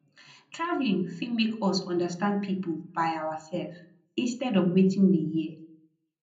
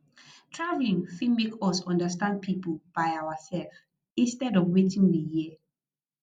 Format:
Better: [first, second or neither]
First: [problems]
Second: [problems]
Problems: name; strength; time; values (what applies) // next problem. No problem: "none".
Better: second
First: room echo; dies away in 0.5 s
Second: none